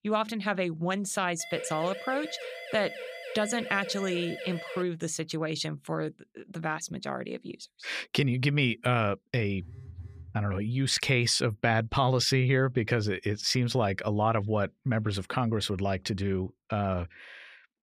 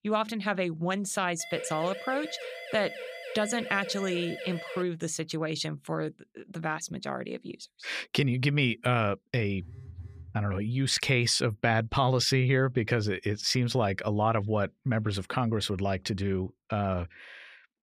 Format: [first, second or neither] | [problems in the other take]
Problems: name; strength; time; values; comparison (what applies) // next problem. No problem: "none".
neither | siren; noticeable; from 1.5 to 5 s; peak 9 dB below the speech; the same in both // phone ringing; faint; at 9.5 s; peak 15 dB below the speech; the same in both